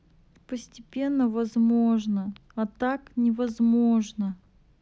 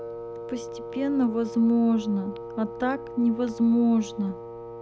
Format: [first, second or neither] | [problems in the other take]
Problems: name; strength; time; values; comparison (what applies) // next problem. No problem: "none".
first | background sound (Wind instrument, woodwind instrument); 12 dB below the speech